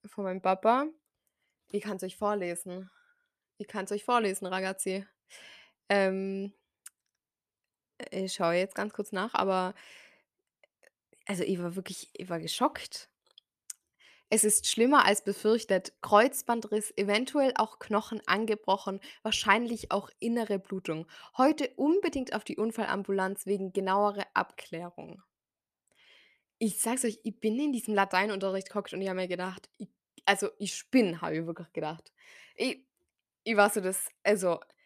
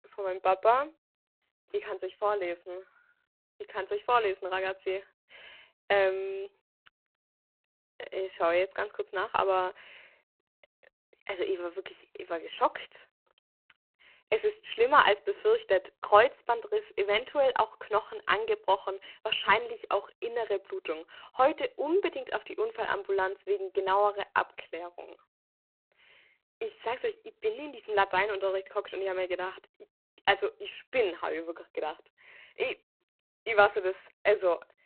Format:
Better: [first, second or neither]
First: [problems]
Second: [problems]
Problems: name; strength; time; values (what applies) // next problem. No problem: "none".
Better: first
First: none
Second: phone-call audio; poor line